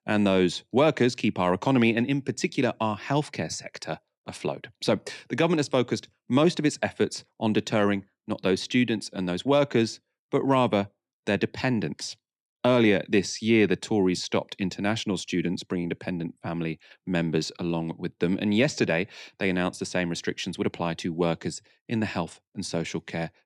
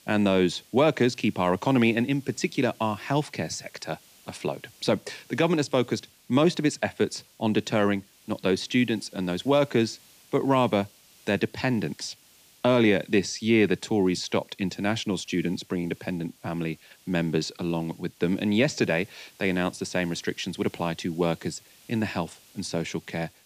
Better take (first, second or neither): first